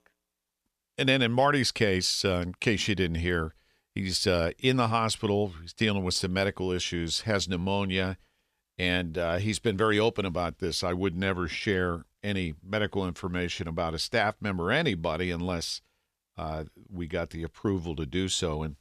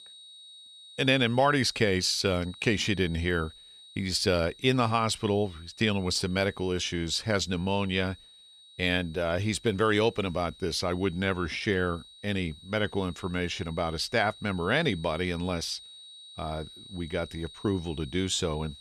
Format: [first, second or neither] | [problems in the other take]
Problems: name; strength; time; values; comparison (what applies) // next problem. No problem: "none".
first | high-pitched whine; noticeable; throughout; 4 kHz, 20 dB below the speech